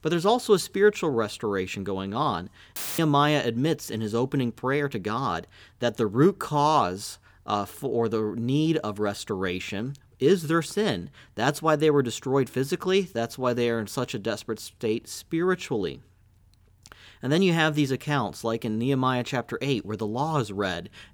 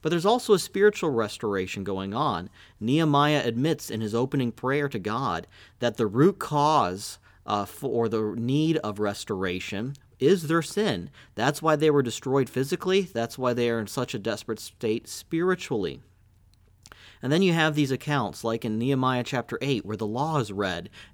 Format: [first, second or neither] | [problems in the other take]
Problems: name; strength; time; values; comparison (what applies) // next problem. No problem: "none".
second | audio cutting out; filled with static; at 3 s